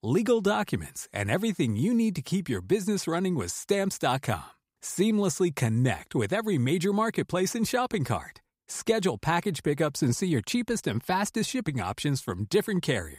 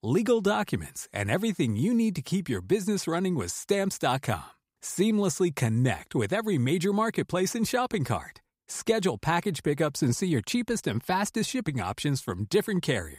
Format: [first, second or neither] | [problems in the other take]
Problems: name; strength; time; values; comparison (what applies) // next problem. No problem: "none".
neither | none